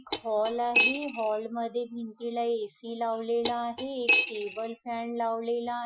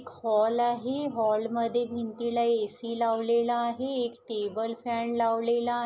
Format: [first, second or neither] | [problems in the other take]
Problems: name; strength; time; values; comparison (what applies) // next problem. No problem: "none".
second | noise reduction (classical method Wiener filter)